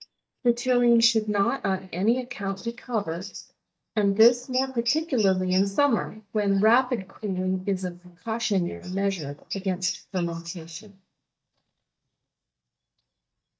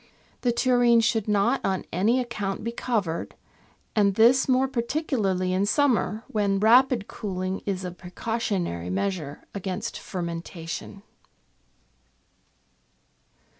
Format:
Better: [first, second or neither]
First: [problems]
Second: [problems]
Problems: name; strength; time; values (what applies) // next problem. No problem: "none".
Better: second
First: noise reduction (neural mask model DeepFilterNet 3)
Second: none